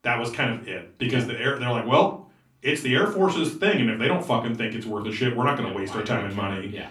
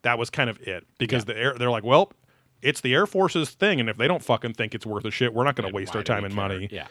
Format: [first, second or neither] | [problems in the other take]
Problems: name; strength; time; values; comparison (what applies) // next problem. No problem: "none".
second | room echo; slight; dies away in 0.3 s // off-mic speech; far